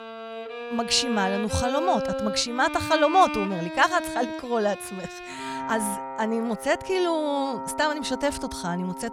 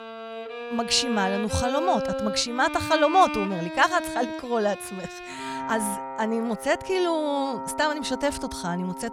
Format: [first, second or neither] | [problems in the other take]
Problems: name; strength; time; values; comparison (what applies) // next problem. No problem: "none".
neither | background music; loud; throughout; 8 dB below the speech; the same in both